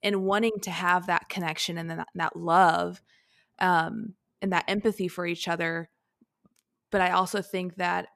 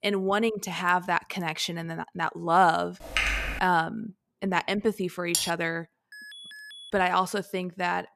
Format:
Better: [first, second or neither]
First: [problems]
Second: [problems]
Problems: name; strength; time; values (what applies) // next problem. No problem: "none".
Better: first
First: none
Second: keyboard typing; loud; at 3 s; peak 2 dB above the speech // clattering dishes; noticeable; at 5.5 s; peak 1 dB below the speech // alarm; faint; at 6 s; peak 15 dB below the speech